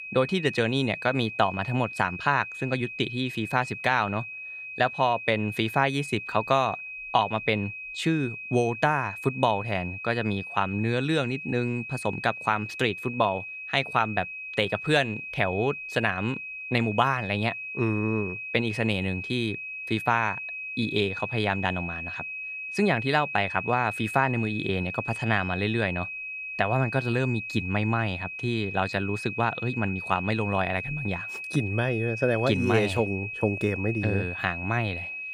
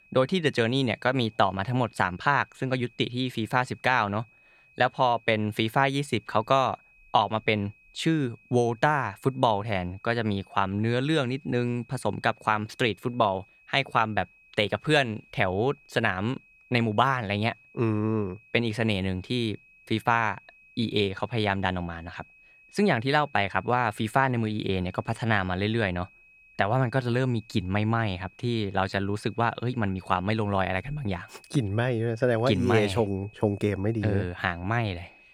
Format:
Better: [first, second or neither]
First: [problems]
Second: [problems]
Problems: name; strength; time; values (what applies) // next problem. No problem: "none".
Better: second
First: high-pitched whine; loud; throughout; 2.5 kHz, 7 dB below the speech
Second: high-pitched whine; faint; throughout; 2.5 kHz, 30 dB below the speech